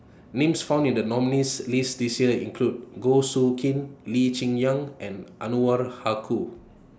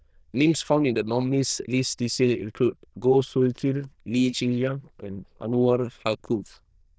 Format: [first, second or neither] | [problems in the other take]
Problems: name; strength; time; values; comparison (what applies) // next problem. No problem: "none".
first | noise reduction (neural diffusion model UNIVERSE++)